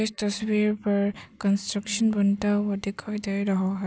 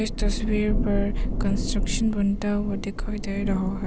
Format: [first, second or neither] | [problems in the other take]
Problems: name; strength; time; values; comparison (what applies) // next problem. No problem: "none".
first | background sound (Thunder); 1 dB above the speech